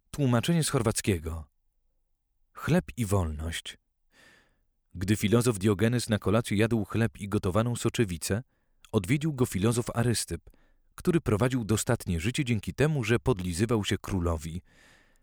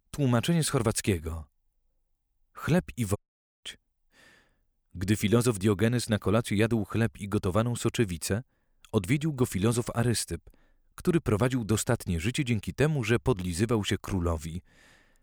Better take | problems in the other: first | audio cutting out; at 3 s

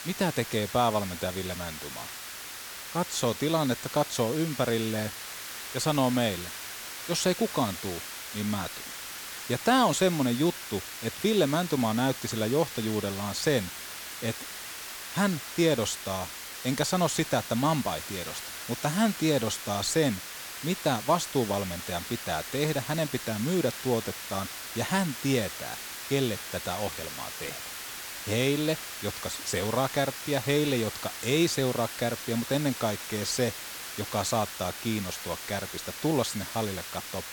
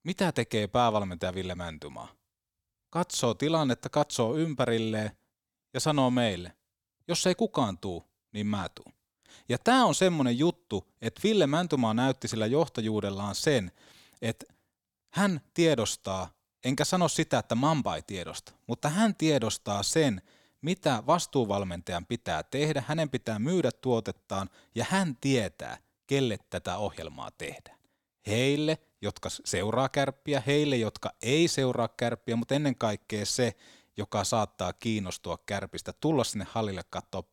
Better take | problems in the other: second | hiss; loud; throughout; 8 dB below the speech

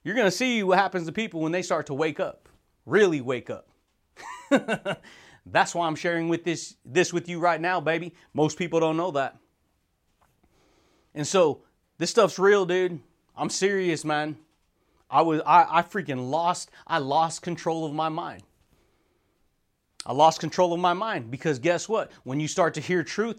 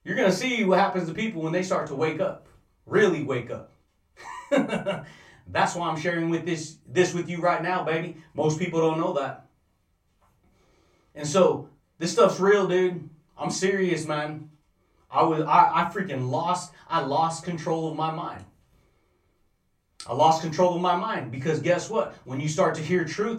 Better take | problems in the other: first | off-mic speech; far // room echo; very slight; dies away in 0.2 s

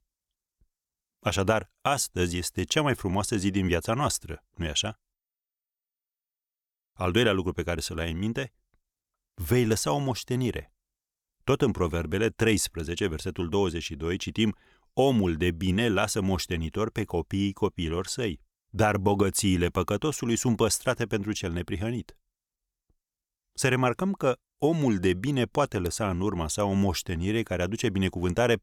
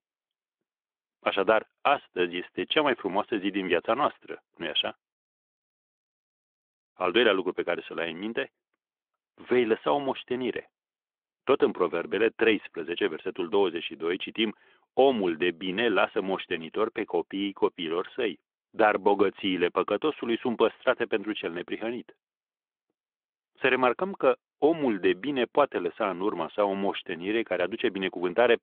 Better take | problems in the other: first | phone-call audio; nothing above 3.5 kHz

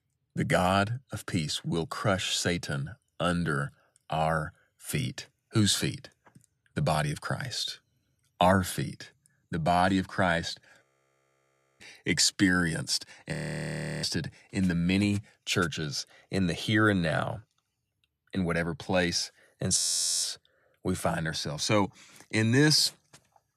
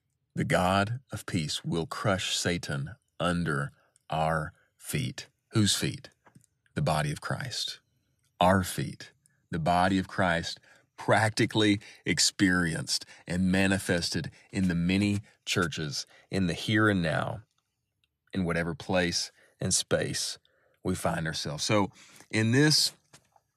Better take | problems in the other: second | audio freezing; at 11 s for 1 s, at 13 s for 0.5 s and at 20 s

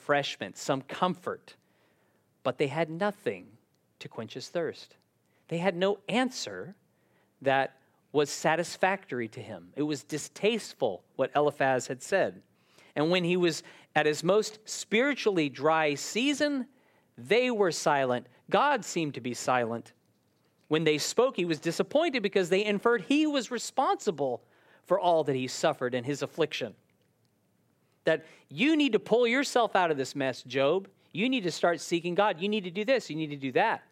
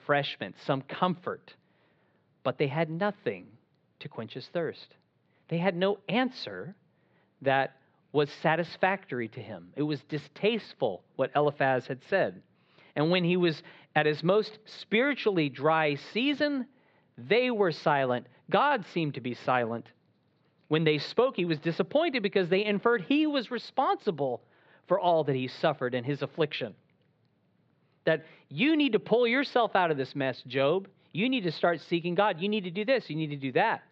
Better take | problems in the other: first | muffled; very slightly; fading above 4 kHz

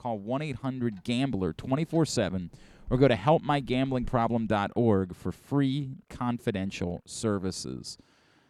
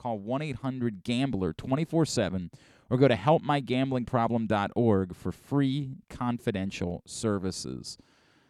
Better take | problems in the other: second | household noises; faint; throughout; 25 dB below the speech

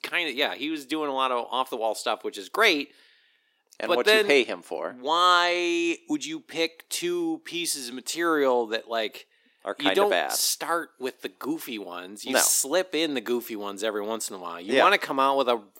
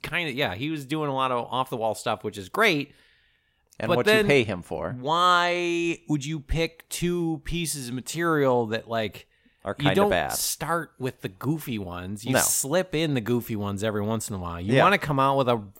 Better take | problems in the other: second | thin; very slightly; fading below 300 Hz

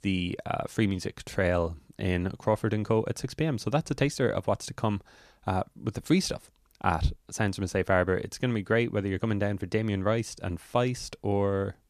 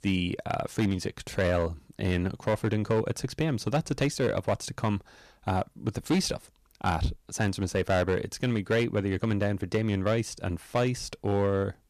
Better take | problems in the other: first | distortion; slight; 5% of the sound clipped

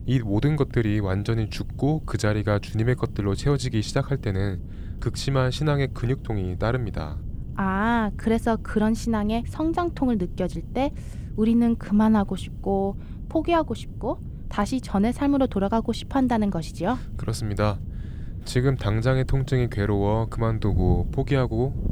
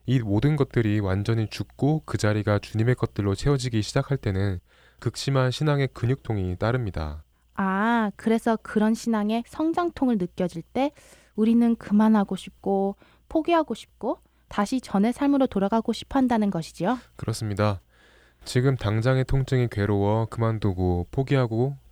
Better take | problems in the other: second | wind noise on the microphone; occasional gusts; 20 dB below the speech

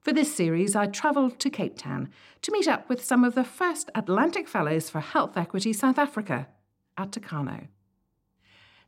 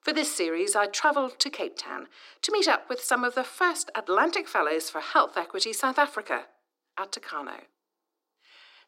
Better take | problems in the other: first | thin; very; fading below 350 Hz

